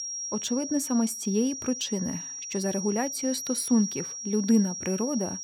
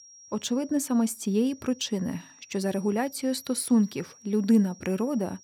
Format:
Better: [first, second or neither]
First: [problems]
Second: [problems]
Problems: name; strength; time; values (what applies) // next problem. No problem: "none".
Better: second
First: high-pitched whine; loud; throughout; 5.5 kHz, 6 dB below the speech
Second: high-pitched whine; faint; throughout; 5.5 kHz, 25 dB below the speech